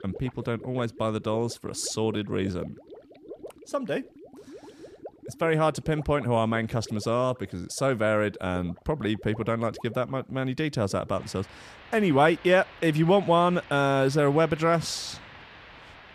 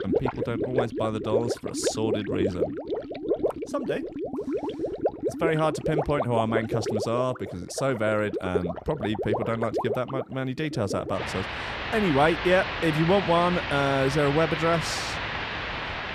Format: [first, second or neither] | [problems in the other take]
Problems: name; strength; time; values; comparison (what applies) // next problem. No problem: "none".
first | rain or running water; loud; throughout; 3 dB below the speech; faint in the first